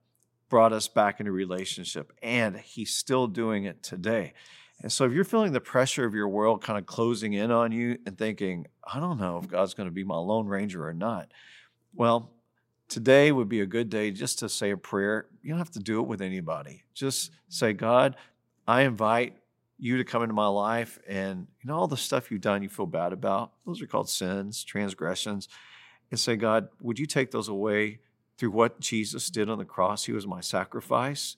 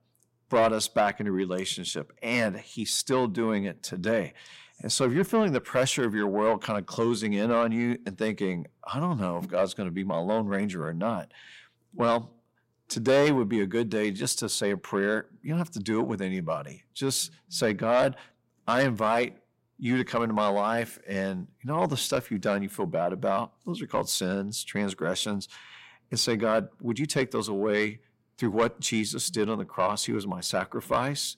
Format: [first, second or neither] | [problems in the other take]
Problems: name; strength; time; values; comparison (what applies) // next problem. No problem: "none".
first | distortion; slight; 10 dB below the speech